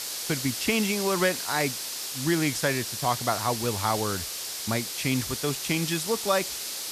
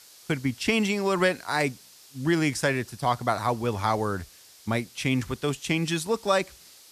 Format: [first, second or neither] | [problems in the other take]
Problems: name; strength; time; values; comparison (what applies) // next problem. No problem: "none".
second | hiss; loud; throughout; 3 dB below the speech; faint in the second